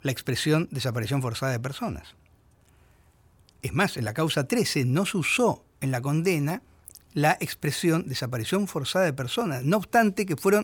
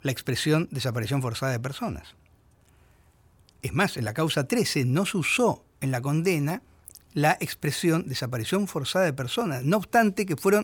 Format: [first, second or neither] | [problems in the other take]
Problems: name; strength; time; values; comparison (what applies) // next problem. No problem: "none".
neither | none